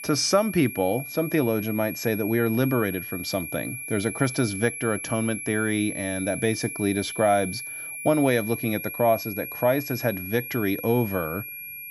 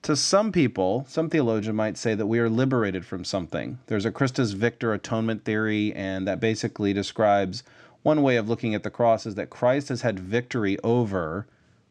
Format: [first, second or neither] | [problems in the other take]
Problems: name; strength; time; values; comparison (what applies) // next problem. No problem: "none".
second | high-pitched whine; loud; throughout; 2.5 kHz, 8 dB below the speech